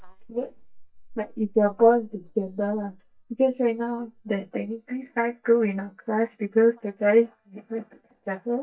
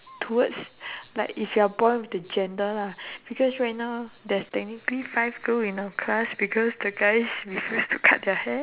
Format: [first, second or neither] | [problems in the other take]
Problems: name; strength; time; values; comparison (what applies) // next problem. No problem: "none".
second | noise reduction (neural mask model DeepFilterNet 3)